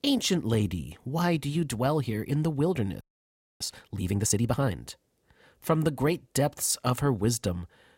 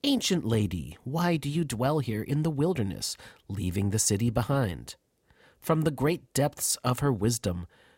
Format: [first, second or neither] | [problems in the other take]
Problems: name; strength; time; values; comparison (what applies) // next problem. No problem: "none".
second | audio freezing; at 3 s for 0.5 s